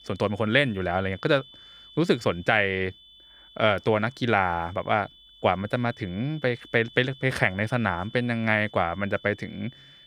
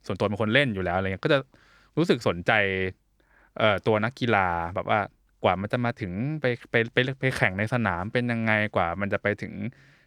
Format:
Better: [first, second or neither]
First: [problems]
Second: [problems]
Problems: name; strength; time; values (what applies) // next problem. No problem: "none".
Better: second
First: high-pitched whine; faint; throughout; 3.5 kHz, 25 dB below the speech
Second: none